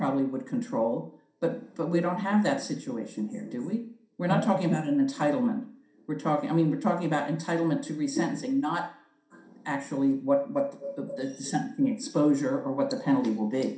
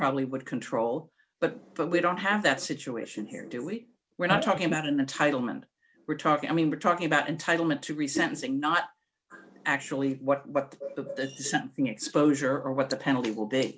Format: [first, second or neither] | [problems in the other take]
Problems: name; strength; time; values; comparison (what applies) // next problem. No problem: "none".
second | room echo; dies away in 0.5 s